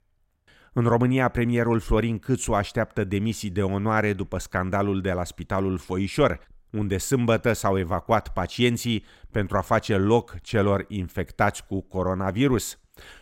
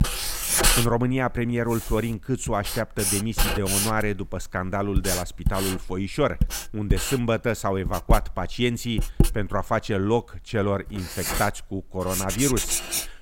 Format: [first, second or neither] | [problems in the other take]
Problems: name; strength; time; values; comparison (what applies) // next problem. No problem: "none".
first | household noises; very loud; throughout; as loud as the speech